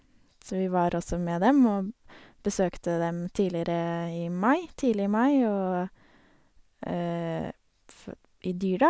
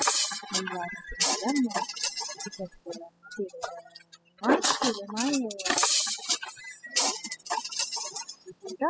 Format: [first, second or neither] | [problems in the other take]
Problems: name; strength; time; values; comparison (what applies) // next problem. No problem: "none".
first | noise reduction (classical method spectral subtraction)